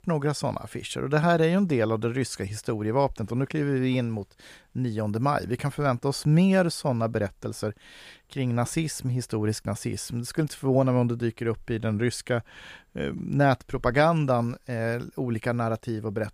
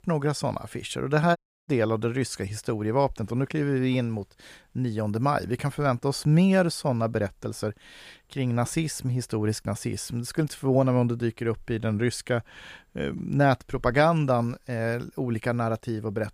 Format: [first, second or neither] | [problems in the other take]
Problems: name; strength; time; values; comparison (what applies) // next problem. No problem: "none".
first | audio cutting out; at 1.5 s